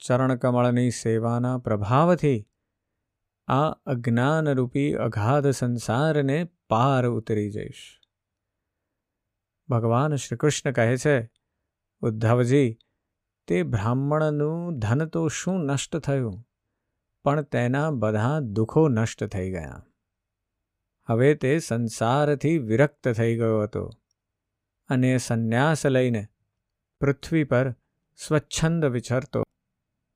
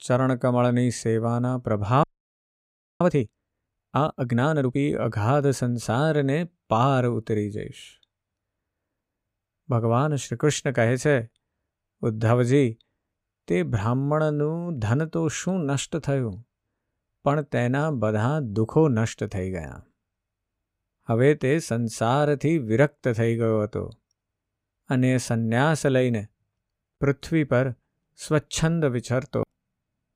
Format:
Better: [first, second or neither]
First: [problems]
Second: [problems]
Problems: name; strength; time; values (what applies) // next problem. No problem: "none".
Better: first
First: none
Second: audio freezing; at 2 s for 1 s